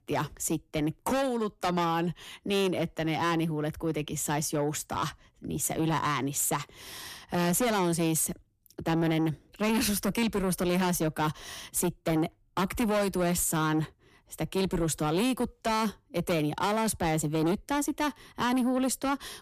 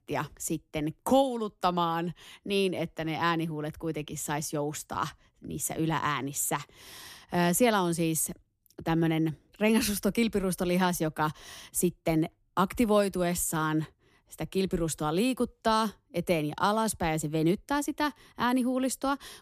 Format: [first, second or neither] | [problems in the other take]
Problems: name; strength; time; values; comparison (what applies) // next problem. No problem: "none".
second | distortion; heavy; 8 dB below the speech